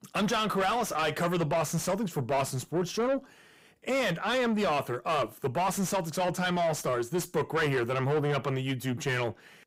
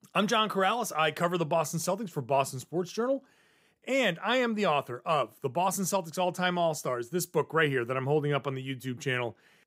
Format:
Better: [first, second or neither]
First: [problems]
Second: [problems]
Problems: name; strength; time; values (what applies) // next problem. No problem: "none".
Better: second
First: distortion; heavy; 7 dB below the speech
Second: none